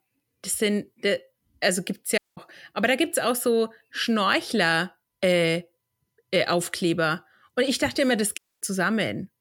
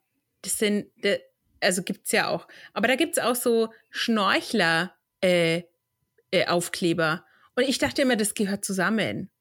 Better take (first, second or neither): second